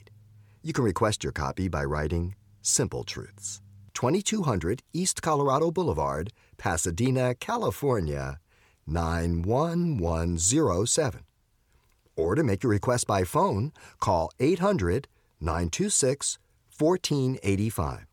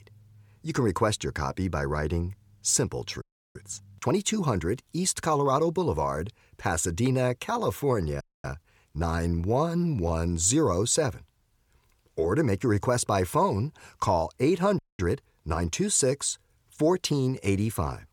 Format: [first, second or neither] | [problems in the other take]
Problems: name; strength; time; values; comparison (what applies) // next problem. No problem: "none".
first | audio freezing; at 3 s, at 8 s and at 15 s